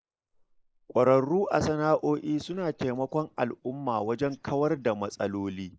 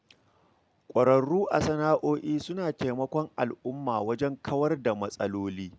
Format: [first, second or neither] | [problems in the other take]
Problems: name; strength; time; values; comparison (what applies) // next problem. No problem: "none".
second | noise reduction (neural mask model Resemble Enhance denoiser)